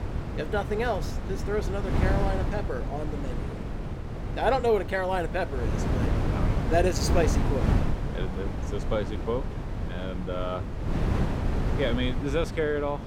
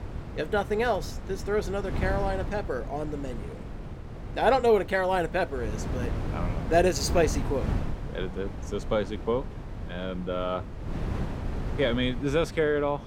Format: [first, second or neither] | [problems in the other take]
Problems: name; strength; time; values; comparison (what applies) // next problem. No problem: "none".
second | wind noise on the microphone; heavy; 7 dB below the speech; occasional gusts in the second